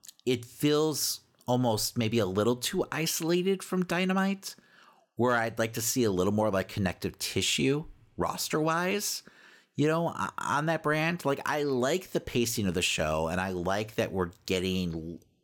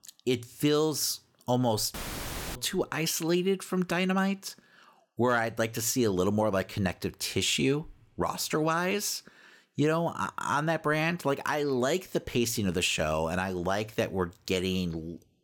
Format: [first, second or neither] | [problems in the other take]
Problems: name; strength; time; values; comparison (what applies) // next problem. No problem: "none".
first | audio cutting out; filled with static; at 2 s for 0.5 s